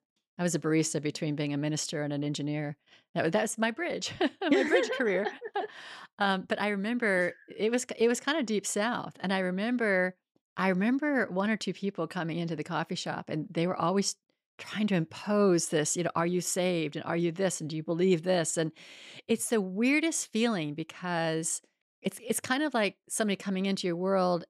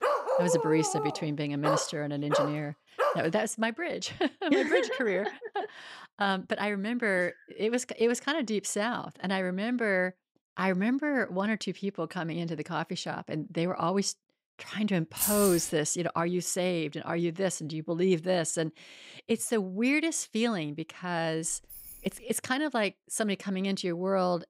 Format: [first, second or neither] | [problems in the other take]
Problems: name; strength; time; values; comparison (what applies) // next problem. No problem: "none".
first | dog barking; loud; until 3 s; peak 3 dB above the speech // jangling keys; loud; at 15 s; peak 2 dB above the speech // jangling keys; faint; at 21 s; peak 15 dB below the speech